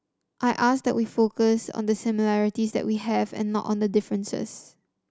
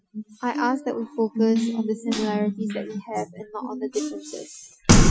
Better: first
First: none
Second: noise reduction (classical method Wiener filter)

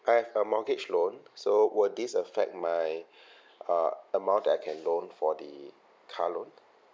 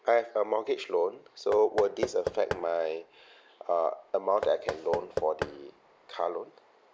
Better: first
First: none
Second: background sound (Knock / Wood); 8 dB below the speech

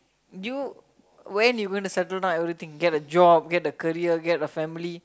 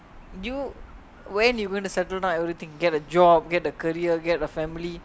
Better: first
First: none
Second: background sound (Gull, seagull / Ocean); 20 dB below the speech

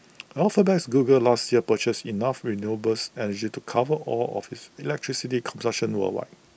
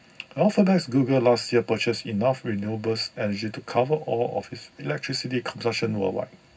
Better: first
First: none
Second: room echo; dies away in 0.4 s

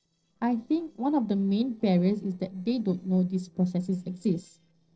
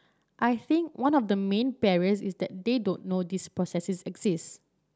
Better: second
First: noise reduction (neural separator model SepFormer DNS4)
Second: none

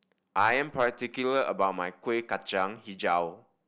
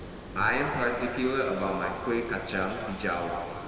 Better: first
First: none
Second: background sound (Water); 11 dB below the speech // room echo; dies away in 2.5 s

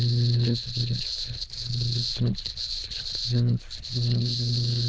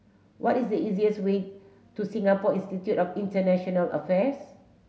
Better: second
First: noise reduction (neural diffusion model UNIVERSE++)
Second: none

